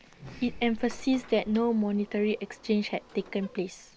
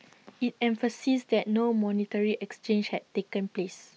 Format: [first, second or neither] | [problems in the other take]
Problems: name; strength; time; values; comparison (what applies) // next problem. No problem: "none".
second | background sound (Sliding door); 17 dB below the speech